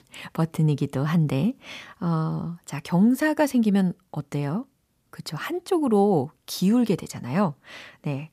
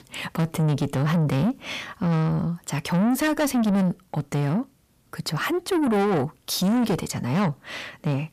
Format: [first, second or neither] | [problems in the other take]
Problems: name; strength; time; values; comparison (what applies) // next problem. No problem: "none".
first | distortion; heavy; 8 dB below the speech